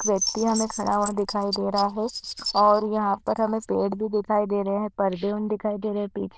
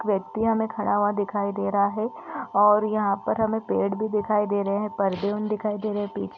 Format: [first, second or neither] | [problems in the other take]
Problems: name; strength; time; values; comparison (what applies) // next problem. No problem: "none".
second | noise reduction (neural diffusion model UNIVERSE++)